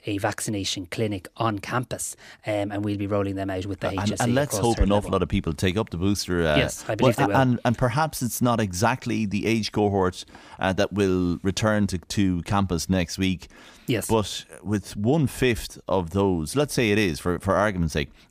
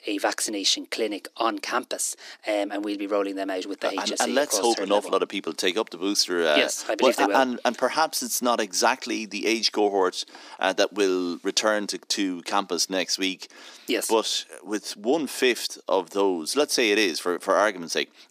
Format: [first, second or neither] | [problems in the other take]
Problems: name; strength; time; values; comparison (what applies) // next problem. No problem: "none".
first | thin; somewhat; fading below 300 Hz